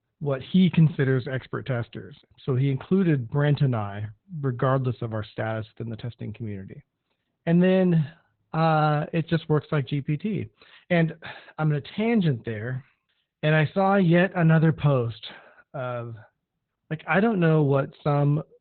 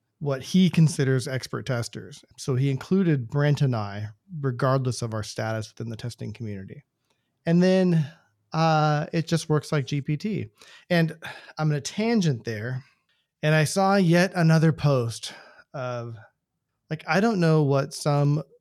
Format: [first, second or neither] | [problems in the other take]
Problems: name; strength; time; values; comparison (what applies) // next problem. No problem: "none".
second | garbled, watery; badly; nothing above 4 kHz